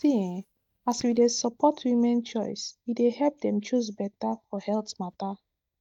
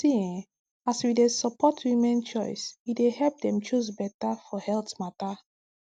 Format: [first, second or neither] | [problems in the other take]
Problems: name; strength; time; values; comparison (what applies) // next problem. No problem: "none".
second | noise reduction (neural mask model DeepFilterNet 3)